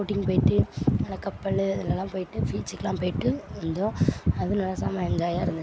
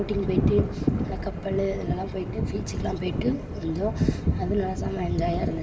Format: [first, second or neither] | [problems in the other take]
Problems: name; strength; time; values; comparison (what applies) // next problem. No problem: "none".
first | background sound (Thunder); 7 dB below the speech // room echo; dies away in 2.4 s